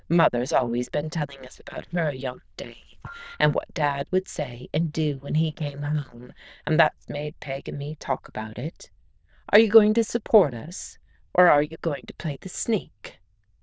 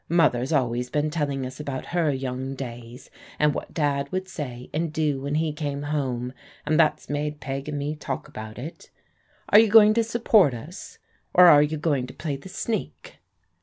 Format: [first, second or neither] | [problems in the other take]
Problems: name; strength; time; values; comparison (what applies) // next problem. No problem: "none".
second | noise reduction (neural diffusion model UNIVERSE++)